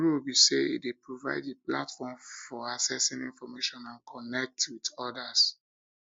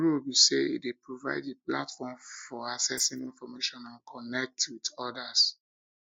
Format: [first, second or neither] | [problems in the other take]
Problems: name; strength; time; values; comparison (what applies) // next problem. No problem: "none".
first | noise reduction (neural mask model DeepFilterNet 3)